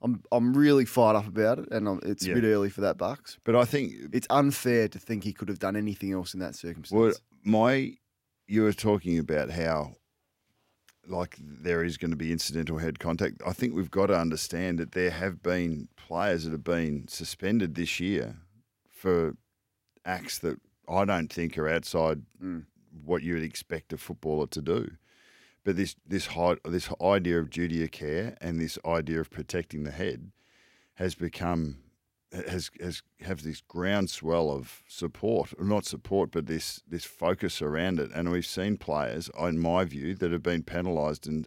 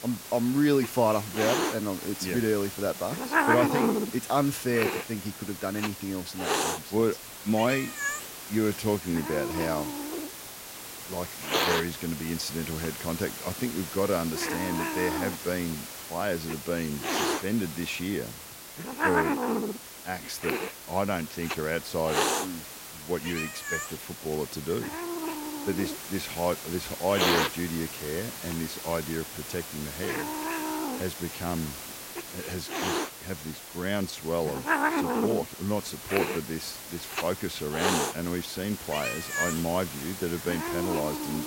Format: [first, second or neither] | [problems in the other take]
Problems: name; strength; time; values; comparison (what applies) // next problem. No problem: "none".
first | hiss; loud; throughout; 1 dB below the speech